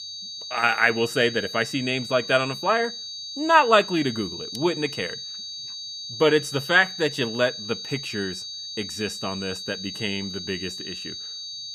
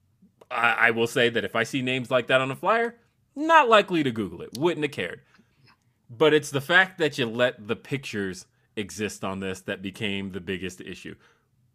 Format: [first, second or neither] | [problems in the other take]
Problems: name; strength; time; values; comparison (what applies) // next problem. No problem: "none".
second | high-pitched whine; loud; throughout; 4.5 kHz, 9 dB below the speech